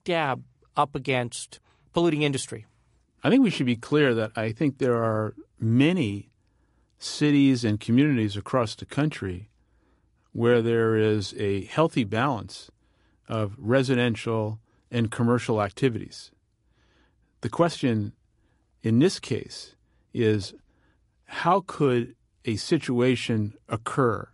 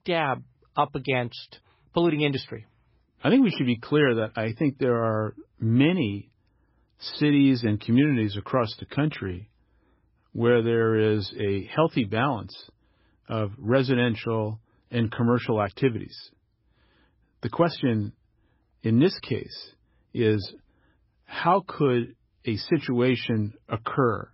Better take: first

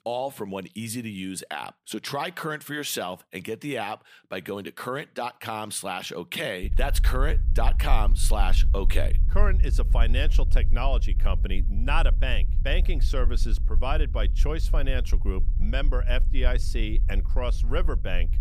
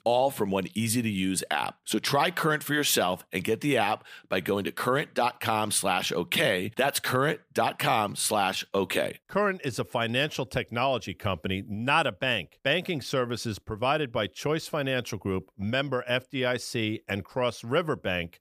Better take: second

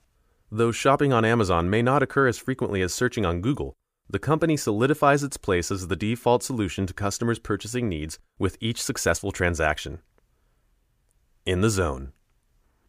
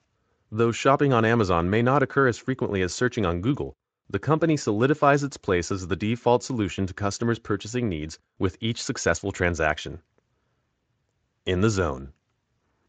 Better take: first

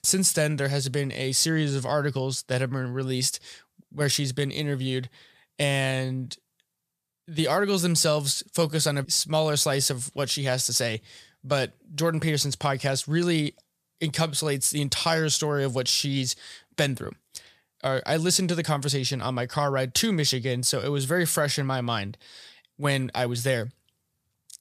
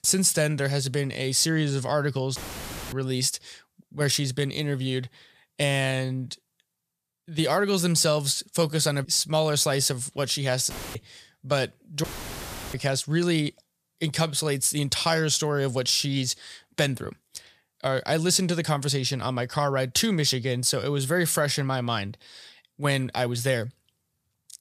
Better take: first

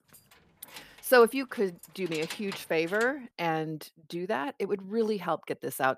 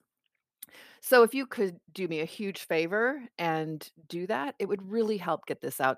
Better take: second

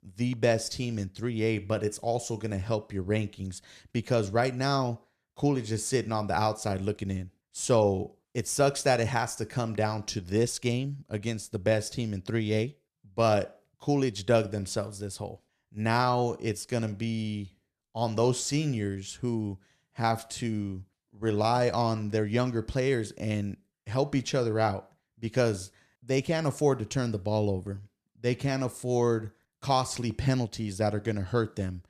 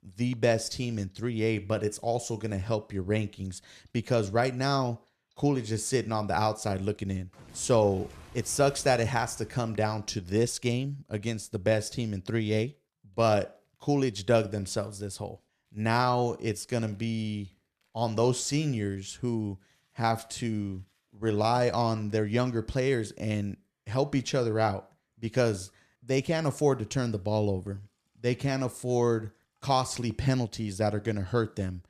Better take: first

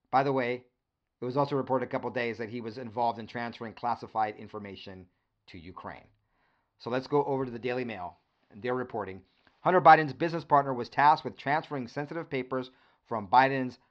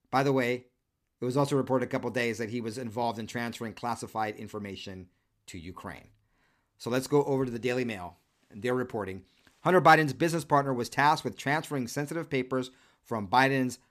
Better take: second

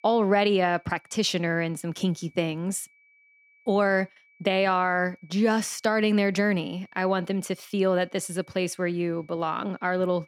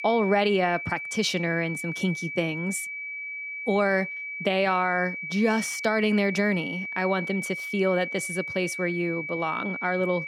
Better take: first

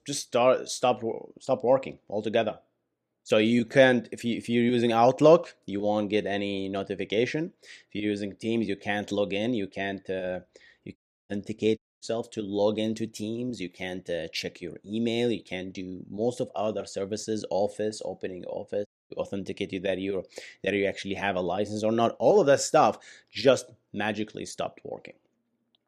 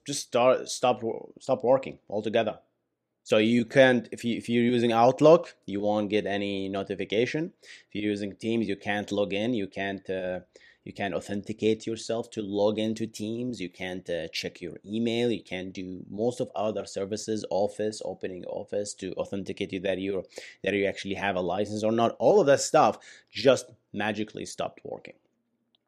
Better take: second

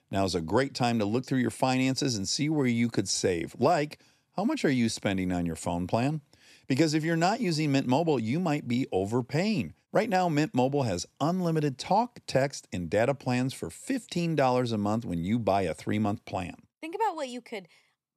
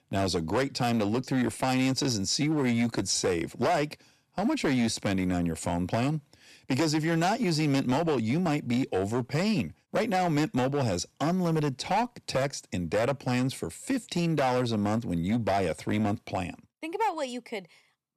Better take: first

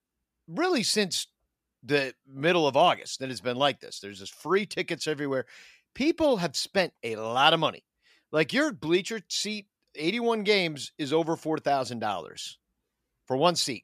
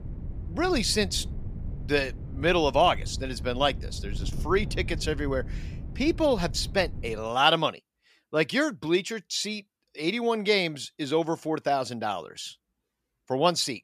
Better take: first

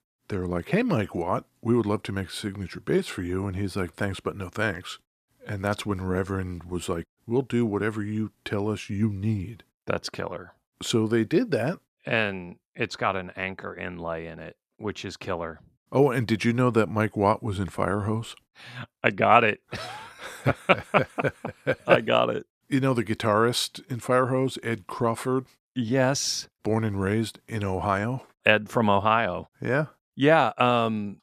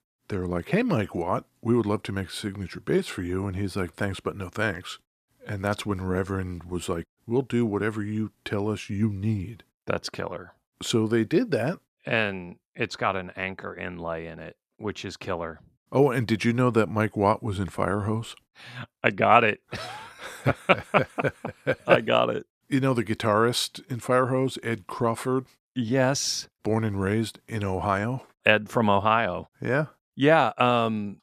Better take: neither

